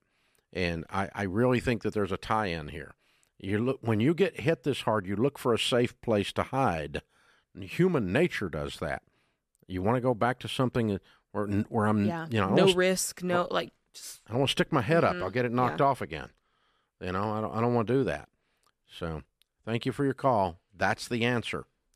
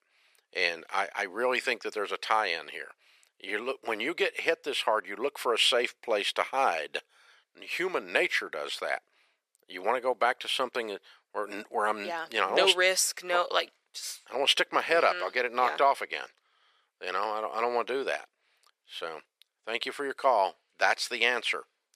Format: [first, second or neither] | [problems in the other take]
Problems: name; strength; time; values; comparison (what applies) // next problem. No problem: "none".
first | thin; very; fading below 500 Hz